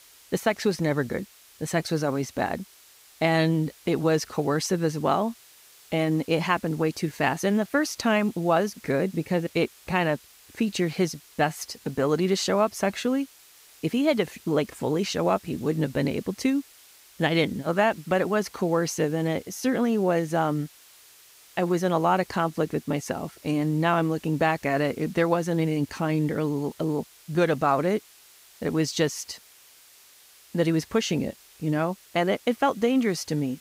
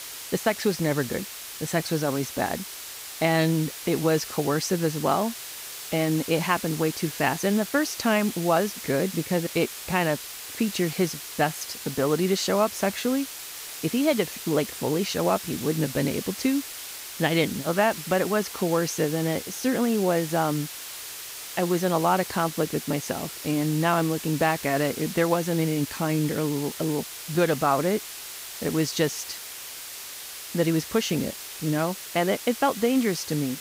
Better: first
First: hiss; faint; throughout; 25 dB below the speech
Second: hiss; loud; throughout; 9 dB below the speech

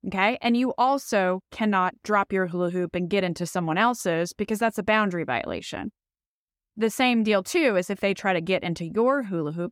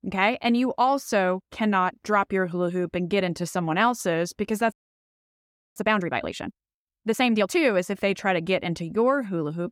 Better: first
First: none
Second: audio freezing; at 4.5 s for 1 s

